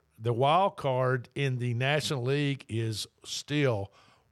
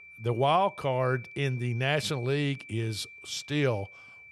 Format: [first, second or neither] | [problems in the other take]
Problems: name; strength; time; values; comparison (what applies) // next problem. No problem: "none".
first | high-pitched whine; noticeable; throughout; 2.5 kHz, 15 dB below the speech